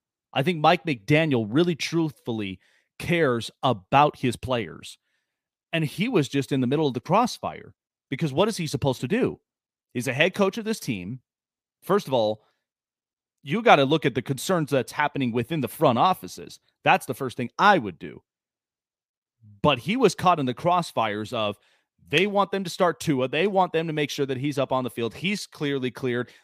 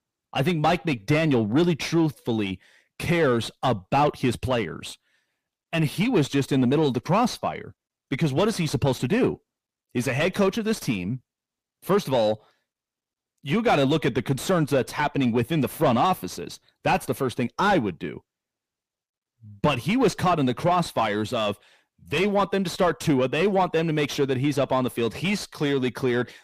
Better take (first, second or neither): first